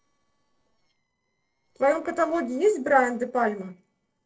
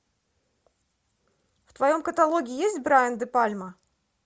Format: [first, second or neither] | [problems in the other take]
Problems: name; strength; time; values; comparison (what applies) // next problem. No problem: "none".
second | noise reduction (neural separator model SepFormer DNS4)